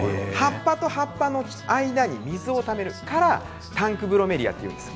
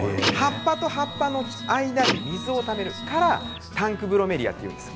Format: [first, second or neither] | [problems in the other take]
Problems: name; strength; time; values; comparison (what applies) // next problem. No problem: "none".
first | background sound (Printer); 5 dB below the speech